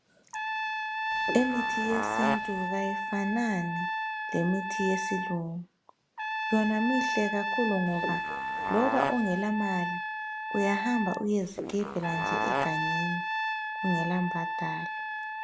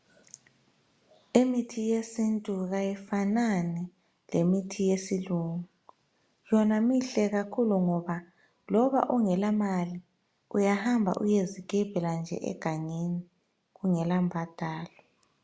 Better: second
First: background sound (Fart + Trumpet); 1 dB below the speech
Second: none

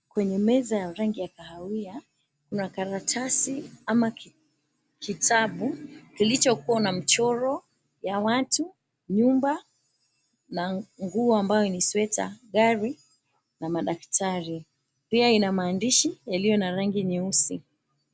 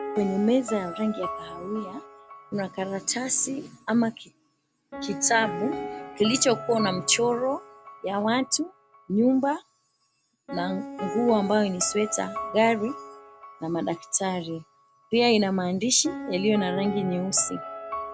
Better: first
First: none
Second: background sound (Piano); 11 dB below the speech

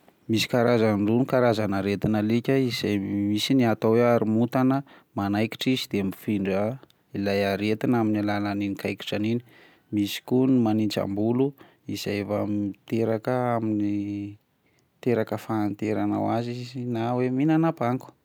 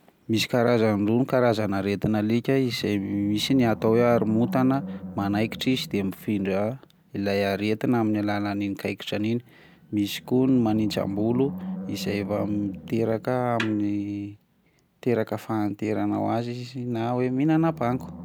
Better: first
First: none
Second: background sound (Snare drum + Animal); 15 dB below the speech

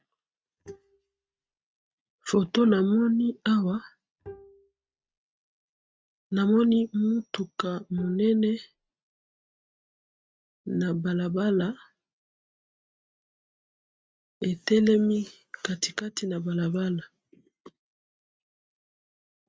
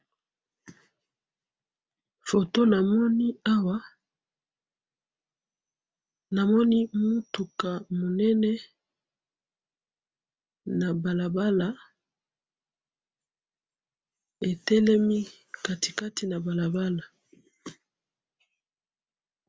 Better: second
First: noise reduction (neural mask model RNNoise)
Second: none

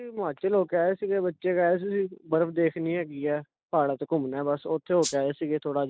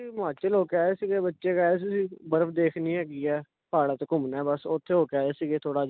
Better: second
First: noise reduction (neural mask model DeepFilterNet 3)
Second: none

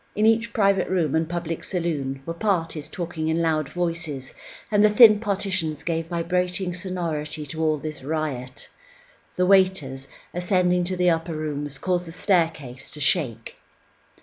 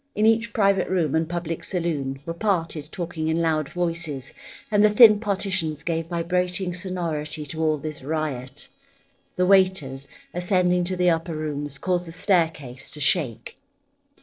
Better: first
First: none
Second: noise reduction (neural separator model SepFormer DNS4)

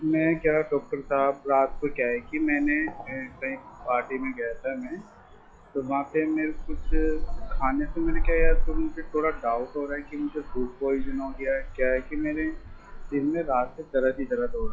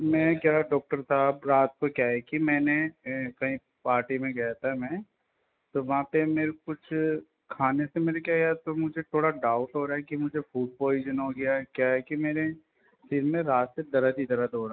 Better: second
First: noise reduction (classical method log-MMSE)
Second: none

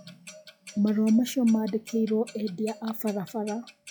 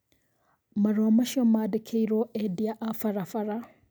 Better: second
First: noise reduction (classical method log-MMSE)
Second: none

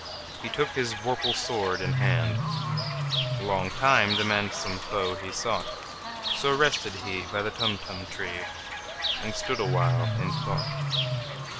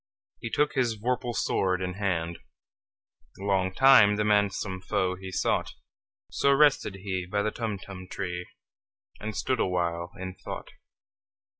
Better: second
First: background sound (Bird / Fowl); as loud as the speech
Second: none

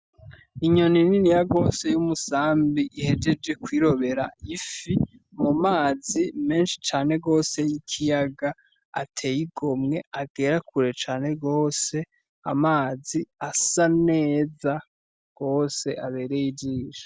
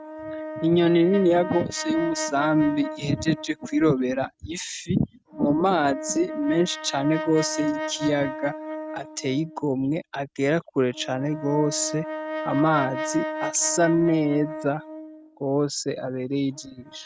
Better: first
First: none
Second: noise reduction (neural mask model RNNoise)

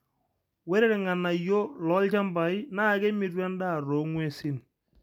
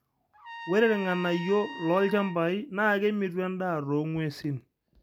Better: first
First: none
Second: background sound (Trumpet); 14 dB below the speech

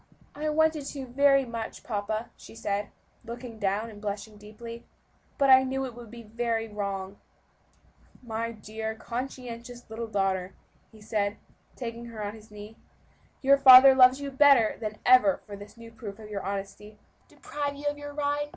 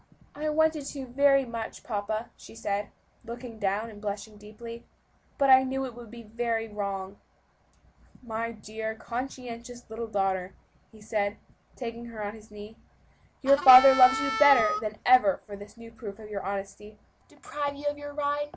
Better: first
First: none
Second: background sound (Harmonica); 3 dB below the speech

